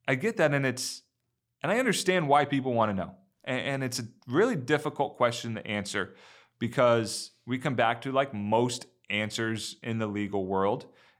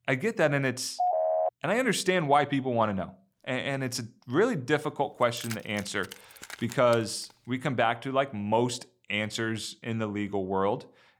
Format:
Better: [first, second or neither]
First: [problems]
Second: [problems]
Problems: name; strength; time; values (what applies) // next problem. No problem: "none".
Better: first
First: none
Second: phone ringing; loud; at 1 s; peak 2 dB above the speech // jangling keys; faint; from 5 to 7.5 s; peak 10 dB below the speech